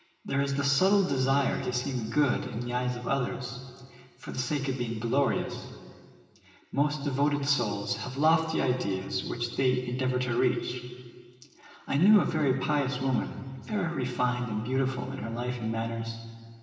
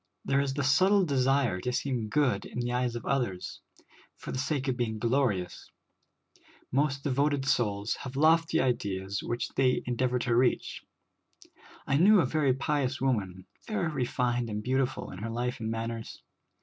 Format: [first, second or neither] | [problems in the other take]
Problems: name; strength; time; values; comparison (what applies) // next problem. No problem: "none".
second | room echo; dies away in 2.3 s